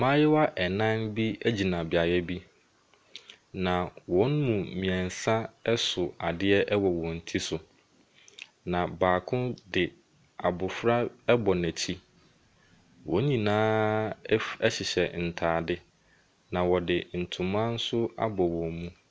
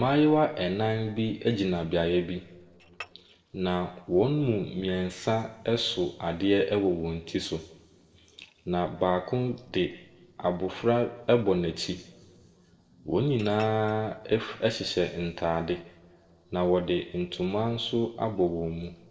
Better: first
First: none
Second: noise reduction (neural separator model SepFormer DNS4)

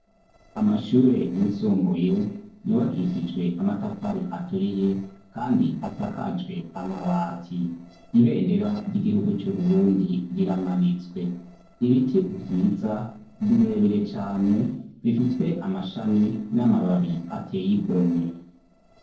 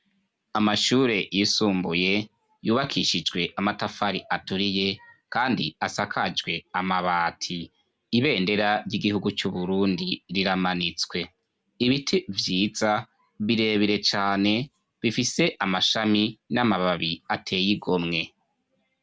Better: second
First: noise reduction (neural separator model SepFormer DNS4)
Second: none

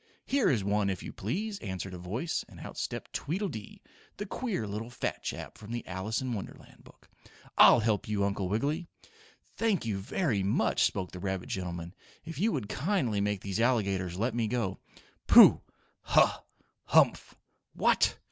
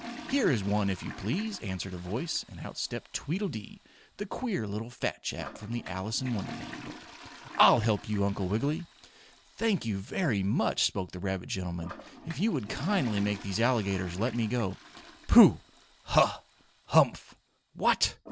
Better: first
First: none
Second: background sound (Toilet flush); 18 dB below the speech

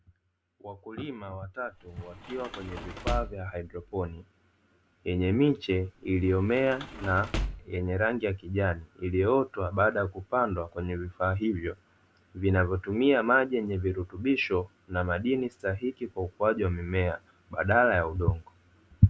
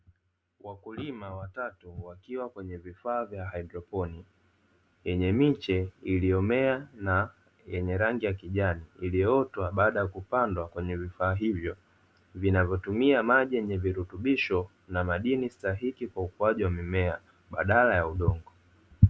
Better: second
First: background sound (Sliding door / Slam); 10 dB below the speech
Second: none

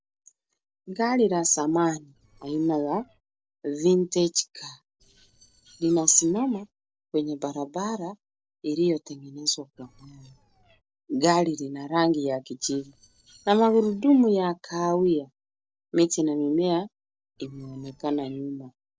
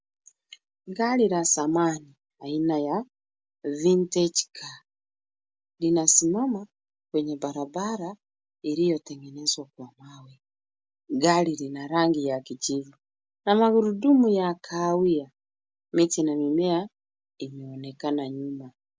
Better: second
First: noise reduction (neural separator model SepFormer DNS4)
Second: none

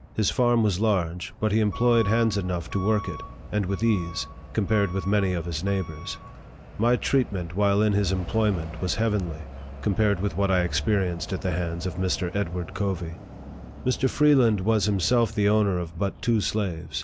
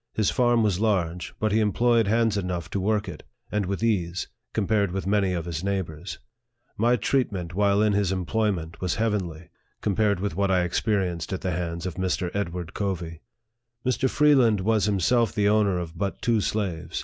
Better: second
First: background sound (Alarm / Truck); 13 dB below the speech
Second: none

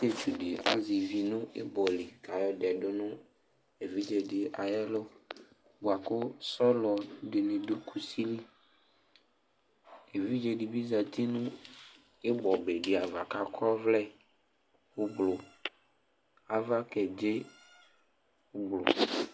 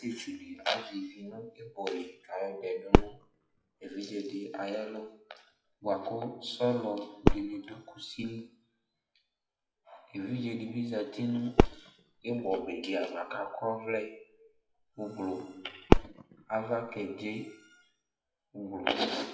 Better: first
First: none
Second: noise reduction (classical method WPE with log-MMSE)

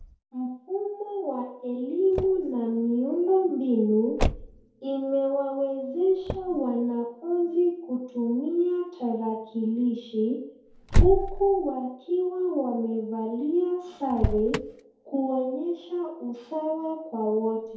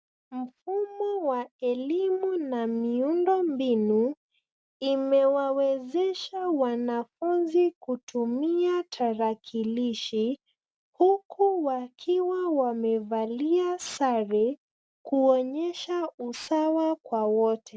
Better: second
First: background sound (Motor vehicle (road)); 6 dB below the speech // room echo; dies away in 2.3 s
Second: none

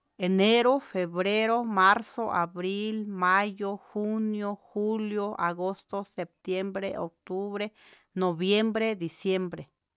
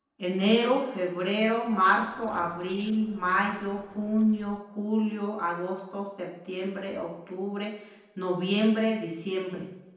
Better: first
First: none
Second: noise reduction (neural separator model SepFormer DNS4)

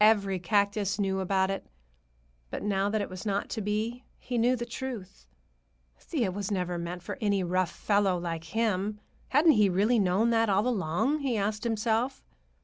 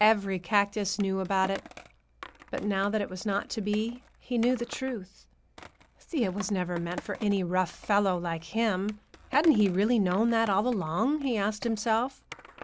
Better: first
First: none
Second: background sound (Skateboard); 19 dB below the speech

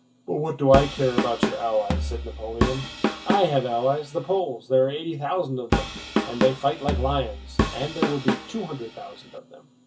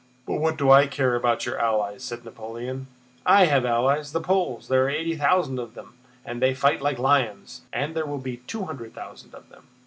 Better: second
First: background sound (Drum kit); 2 dB below the speech // room echo; dies away in 0.2 s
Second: none

